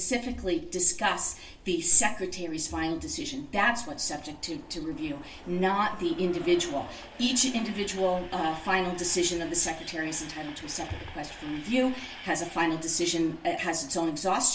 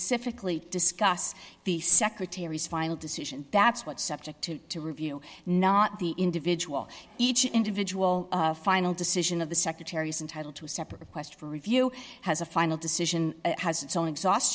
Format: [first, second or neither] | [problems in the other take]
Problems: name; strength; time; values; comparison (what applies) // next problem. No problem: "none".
second | background sound (Train); 18 dB below the speech // room echo; dies away in 0.3 s